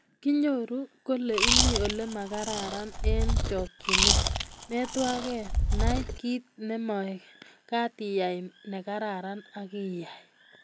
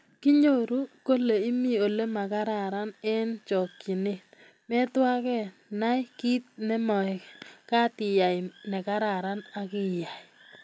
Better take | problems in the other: second | background sound (Chewing, mastication); 5 dB above the speech

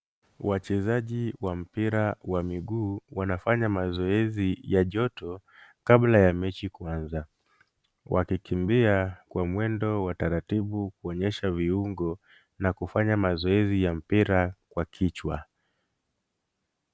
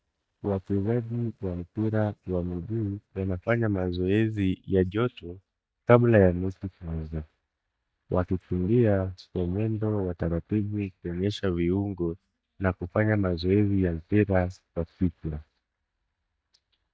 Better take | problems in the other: first | noise reduction (neural mask model DeepFilterNet 3)

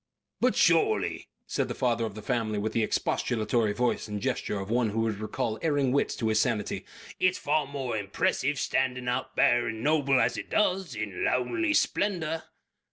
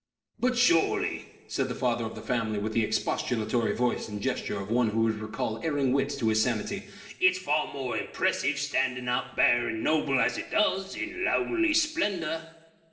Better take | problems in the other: first | noise reduction (neural separator model SepFormer DNS4)

